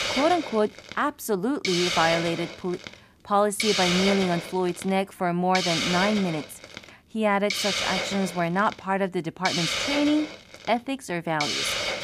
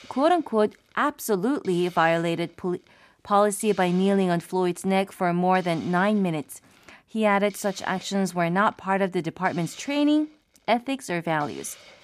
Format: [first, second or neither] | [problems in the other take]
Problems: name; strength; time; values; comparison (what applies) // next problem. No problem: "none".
second | hiss; loud; throughout; 1 dB below the speech; faint in the second